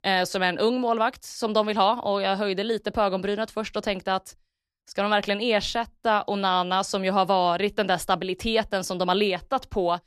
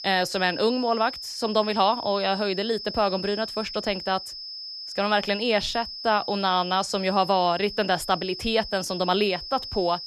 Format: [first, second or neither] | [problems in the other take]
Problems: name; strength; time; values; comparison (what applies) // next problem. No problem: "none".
first | high-pitched whine; loud; throughout; 5 kHz, 9 dB below the speech